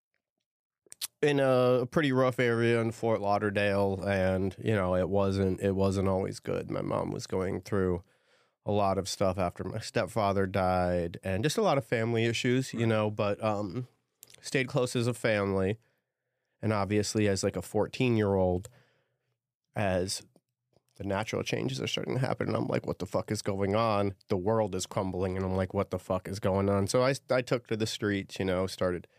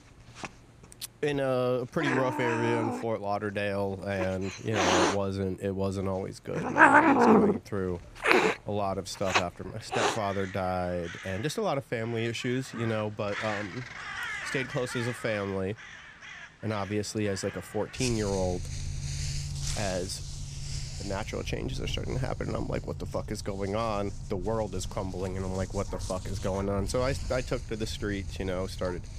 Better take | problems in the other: first | animal sounds; very loud; throughout; 2 dB above the speech

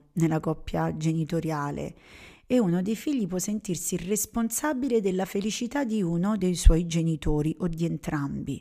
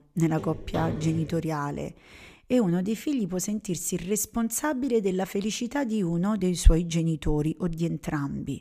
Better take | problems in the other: first | footsteps; noticeable; until 1.5 s; peak 7 dB below the speech

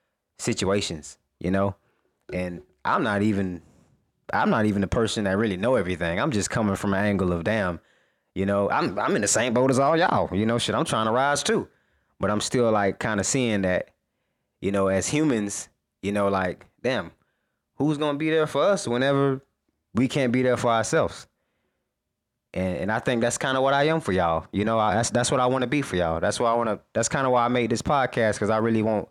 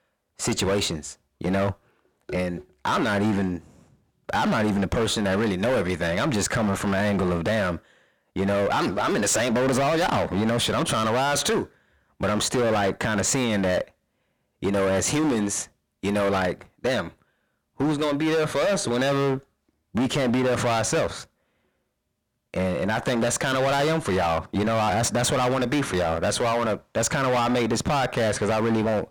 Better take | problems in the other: first | distortion; heavy; 21% of the sound clipped

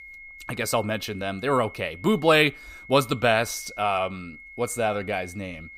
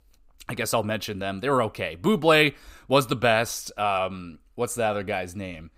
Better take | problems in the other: second | high-pitched whine; noticeable; throughout; 2 kHz, 20 dB below the speech

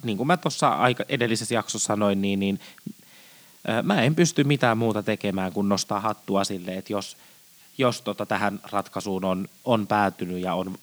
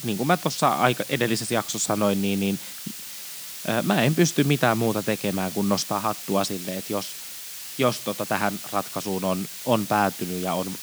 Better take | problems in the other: first | hiss; loud; throughout; 9 dB below the speech; faint in the first

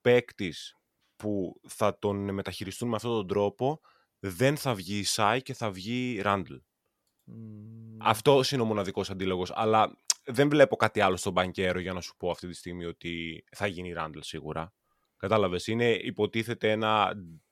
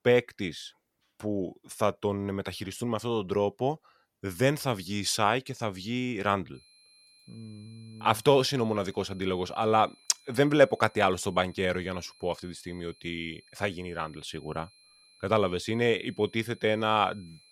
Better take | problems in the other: first | high-pitched whine; faint; from 6.5 s on; 4 kHz, 30 dB below the speech

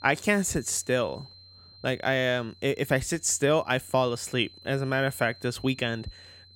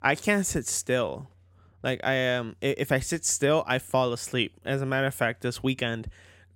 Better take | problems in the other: second | high-pitched whine; faint; throughout; 4 kHz, 25 dB below the speech

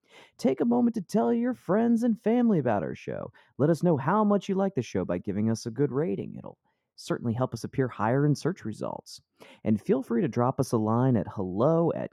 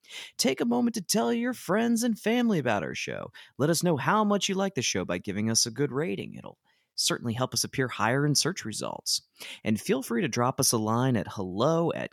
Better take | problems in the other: second | muffled; very; fading above 1.5 kHz

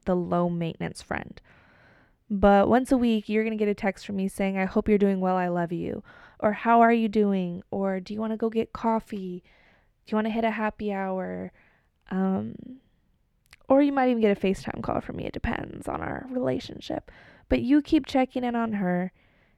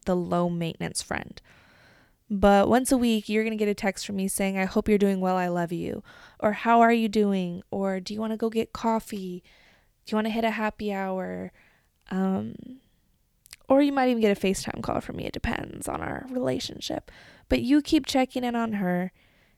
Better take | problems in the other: second | muffled; slightly; fading above 3.5 kHz

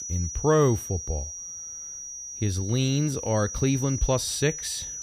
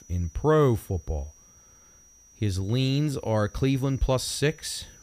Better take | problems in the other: second | high-pitched whine; loud; throughout; 6 kHz, 8 dB below the speech; faint in the second

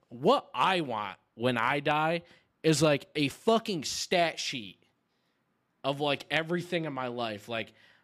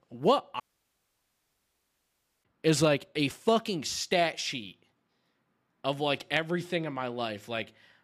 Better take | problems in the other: first | audio cutting out; at 0.5 s for 2 s

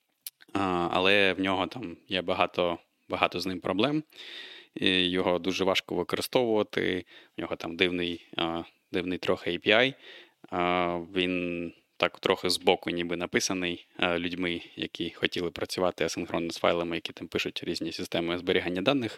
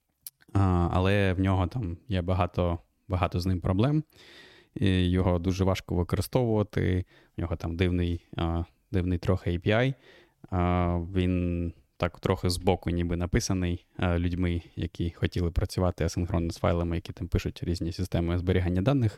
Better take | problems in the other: second | thin; somewhat; fading below 350 Hz

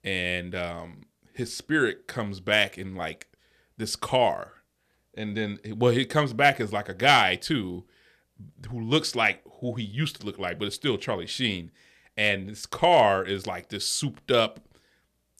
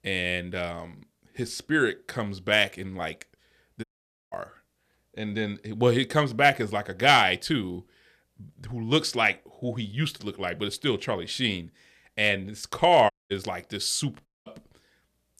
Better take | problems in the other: first | audio cutting out; at 4 s, at 13 s and at 14 s

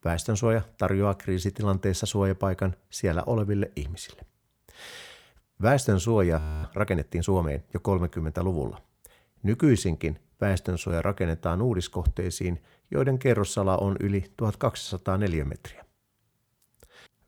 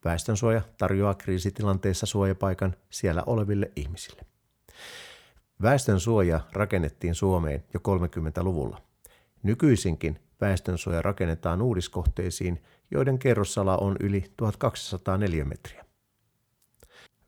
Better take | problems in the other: second | audio freezing; at 6.5 s

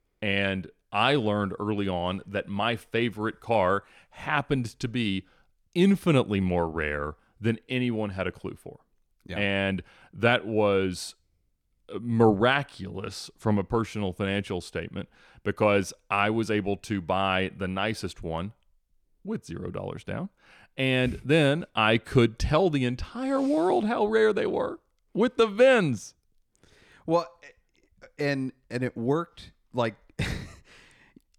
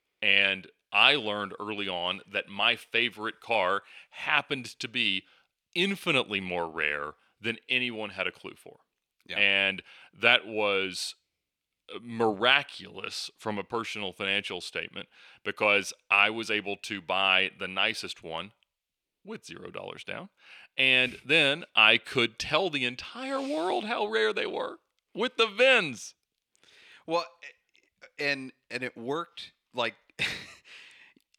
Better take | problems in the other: first | thin; somewhat; fading below 650 Hz

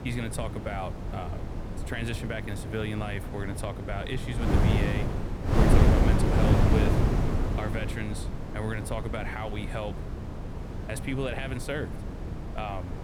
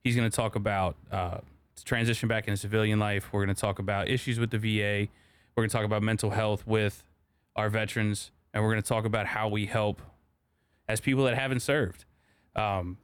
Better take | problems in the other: second | wind noise on the microphone; heavy; as loud as the speech

